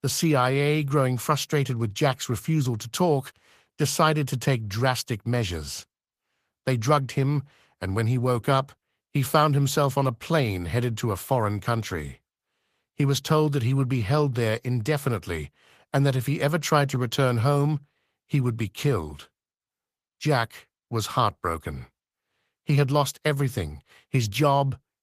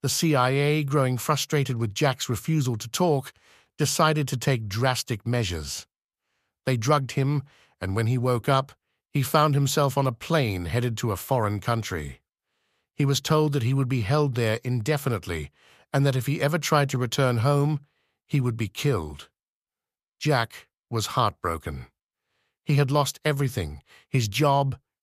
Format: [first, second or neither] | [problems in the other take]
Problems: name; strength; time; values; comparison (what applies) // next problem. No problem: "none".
second | garbled, watery; slightly; nothing above 14.5 kHz